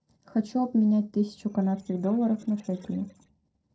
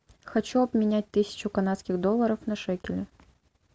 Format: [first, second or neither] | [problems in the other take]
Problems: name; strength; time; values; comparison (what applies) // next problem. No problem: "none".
second | noise reduction (neural separator model SepFormer DNS4)